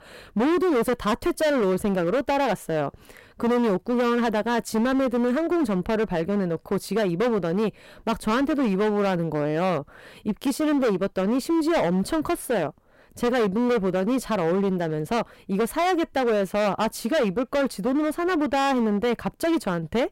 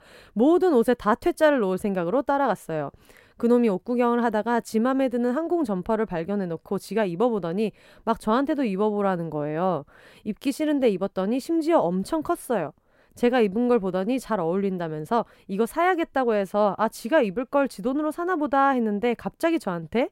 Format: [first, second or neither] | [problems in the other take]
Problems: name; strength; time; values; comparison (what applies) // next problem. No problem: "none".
second | distortion; heavy; 20% of the sound clipped